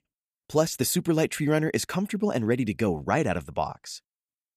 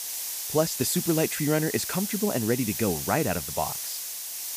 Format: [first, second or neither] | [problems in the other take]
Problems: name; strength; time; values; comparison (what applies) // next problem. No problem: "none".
first | hiss; loud; throughout; 4 dB below the speech